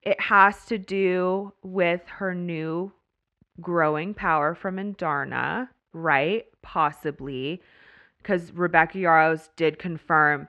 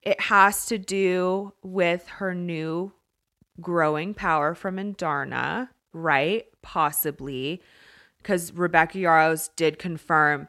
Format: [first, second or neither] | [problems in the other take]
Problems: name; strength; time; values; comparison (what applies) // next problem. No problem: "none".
second | muffled; slightly; fading above 2.5 kHz